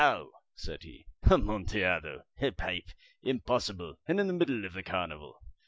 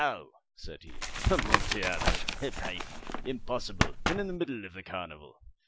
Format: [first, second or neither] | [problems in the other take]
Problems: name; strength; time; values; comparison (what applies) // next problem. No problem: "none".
first | background sound (Tap); 4 dB above the speech